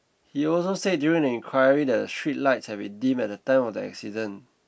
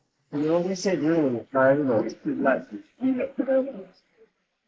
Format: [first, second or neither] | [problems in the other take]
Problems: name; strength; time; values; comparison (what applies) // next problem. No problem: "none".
first | noise reduction (neural mask model Resemble Enhance denoiser)